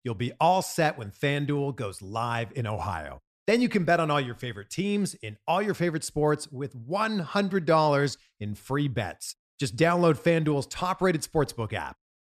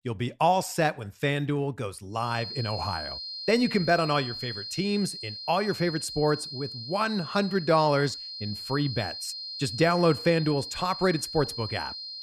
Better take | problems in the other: first | high-pitched whine; loud; from 2.5 s on; 4 kHz, 8 dB below the speech

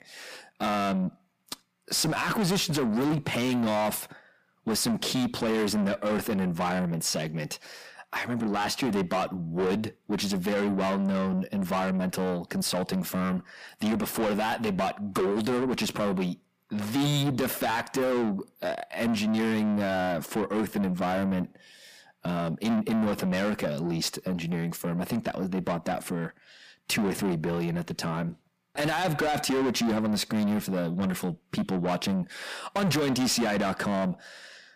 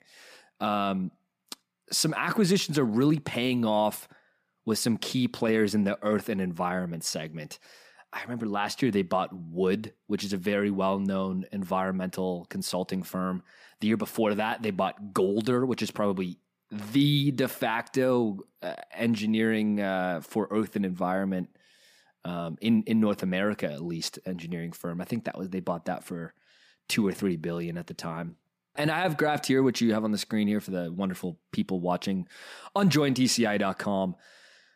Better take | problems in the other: second | distortion; heavy; 6 dB below the speech

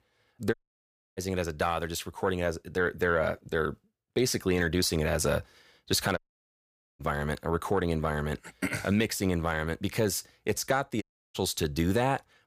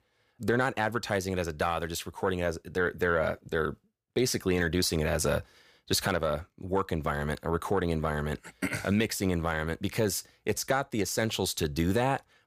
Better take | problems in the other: second | audio cutting out; at 0.5 s for 0.5 s, at 6 s for 1 s and at 11 s

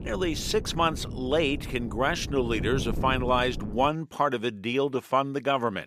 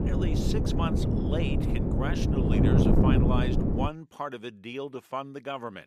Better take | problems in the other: first | wind noise on the microphone; heavy; until 4 s; 3 dB above the speech; occasional gusts in the first

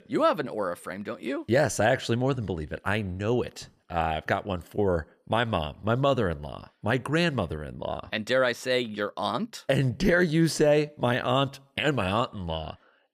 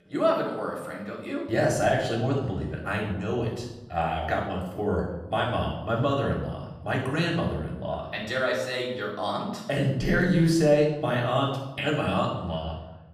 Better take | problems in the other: first | off-mic speech; far // room echo; noticeable; dies away in 0.8 s

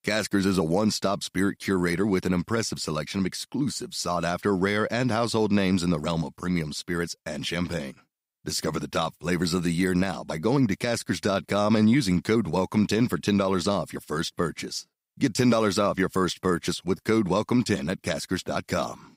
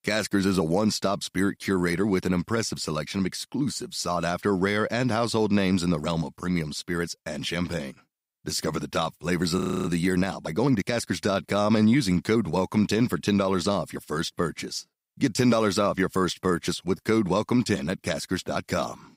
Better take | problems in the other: first | audio freezing; at 9.5 s

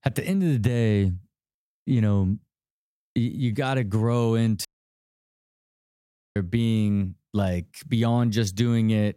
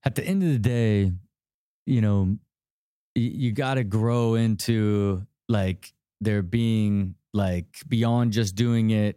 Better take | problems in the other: second | audio cutting out; at 4.5 s for 1.5 s

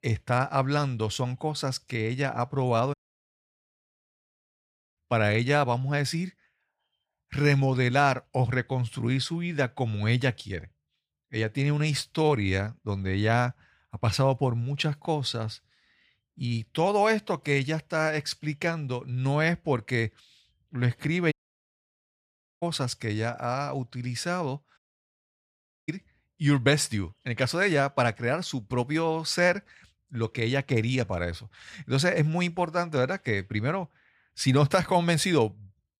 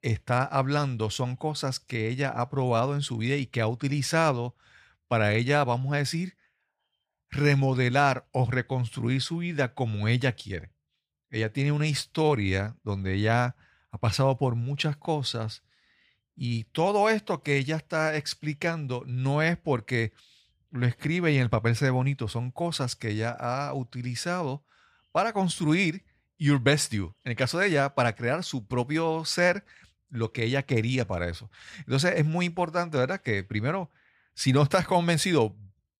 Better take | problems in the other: second | audio cutting out; at 3 s for 2 s, at 21 s for 1.5 s and at 25 s for 1 s

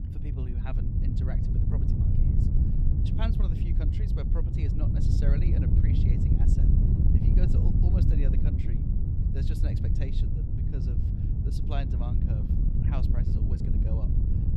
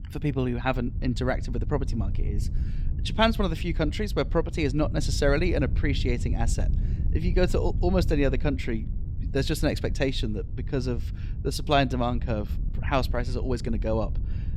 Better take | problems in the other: second | wind noise on the microphone; heavy; 4 dB above the speech; occasional gusts in the second

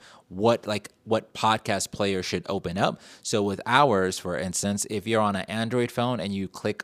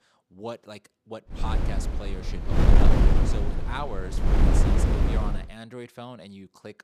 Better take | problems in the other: first | wind noise on the microphone; heavy; from 1.5 to 5.5 s; 5 dB above the speech

